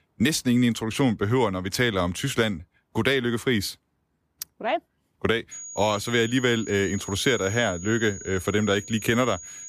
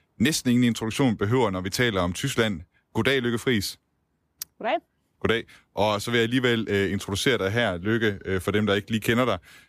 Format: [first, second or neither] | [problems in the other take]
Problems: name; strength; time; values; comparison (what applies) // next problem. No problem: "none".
second | high-pitched whine; noticeable; from 5.5 s on; 6.5 kHz, 15 dB below the speech